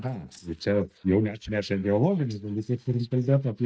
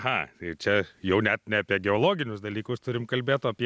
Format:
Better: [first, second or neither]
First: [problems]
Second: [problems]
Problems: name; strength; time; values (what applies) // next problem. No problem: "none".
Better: second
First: noise reduction (neural mask model DeepFilterNet 3)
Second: none